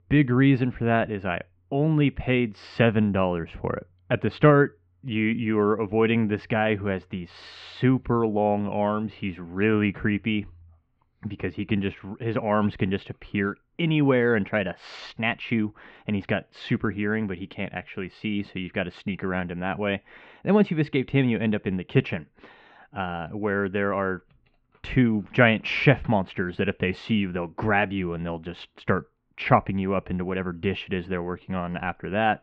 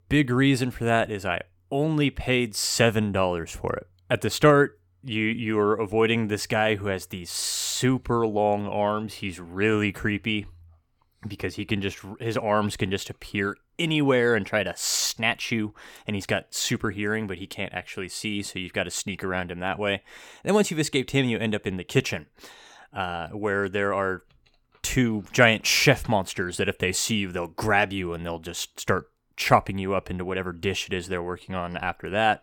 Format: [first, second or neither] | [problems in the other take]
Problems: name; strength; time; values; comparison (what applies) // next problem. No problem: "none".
second | muffled; very; fading above 3 kHz